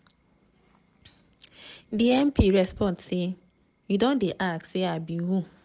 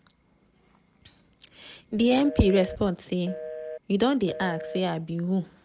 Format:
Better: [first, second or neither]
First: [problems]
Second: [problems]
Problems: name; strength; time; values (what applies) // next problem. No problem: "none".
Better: first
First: none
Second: background sound (Telephone); 12 dB below the speech